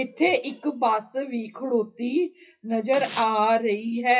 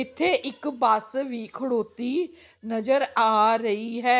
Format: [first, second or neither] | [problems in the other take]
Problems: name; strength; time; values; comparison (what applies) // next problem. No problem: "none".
second | noise reduction (classical method WPE with log-MMSE)